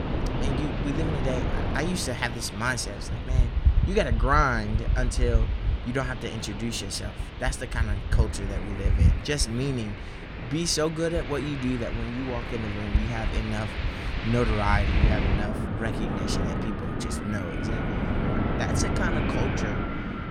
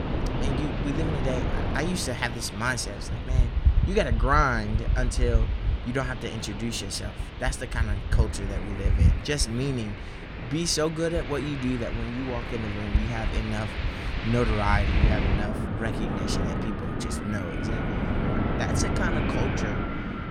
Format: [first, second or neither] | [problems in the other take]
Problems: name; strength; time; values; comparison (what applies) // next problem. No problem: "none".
neither | wind in the background; very loud; throughout; 1 dB above the speech; the same in both